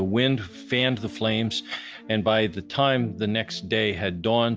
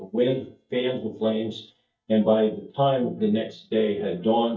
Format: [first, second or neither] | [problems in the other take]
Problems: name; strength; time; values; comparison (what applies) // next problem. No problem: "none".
first | noise reduction (neural mask model DeepFilterNet 3)